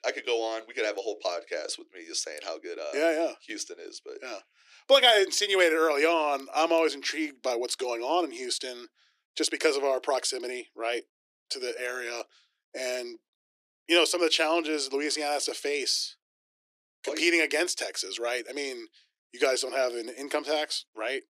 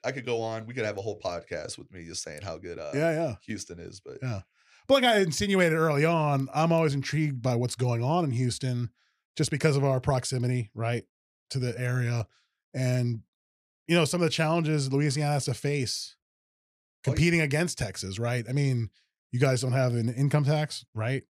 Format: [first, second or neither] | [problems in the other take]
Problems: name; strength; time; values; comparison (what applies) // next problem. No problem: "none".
second | thin; very; fading below 300 Hz